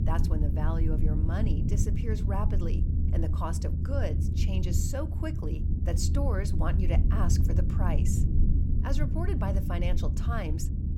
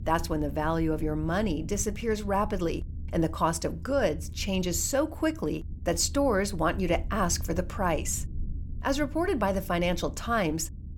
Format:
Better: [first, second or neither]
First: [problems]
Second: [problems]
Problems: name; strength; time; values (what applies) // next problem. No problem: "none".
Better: second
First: low rumble; loud; throughout; 4 dB below the speech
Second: low rumble; faint; throughout; 25 dB below the speech